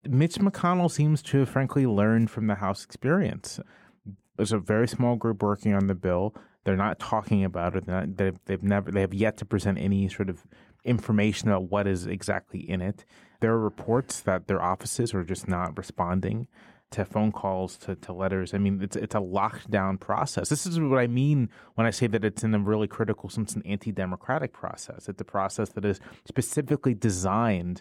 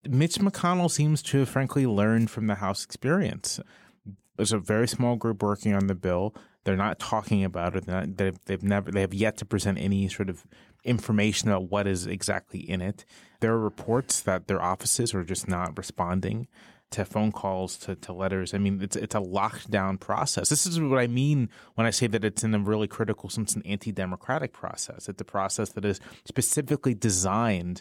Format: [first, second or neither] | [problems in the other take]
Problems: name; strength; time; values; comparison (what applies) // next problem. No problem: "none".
second | muffled; slightly; fading above 3 kHz